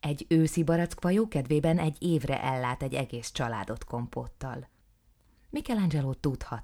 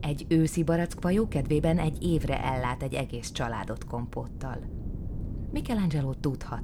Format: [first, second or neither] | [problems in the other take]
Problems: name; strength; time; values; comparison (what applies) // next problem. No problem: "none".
first | wind noise on the microphone; occasional gusts; 15 dB below the speech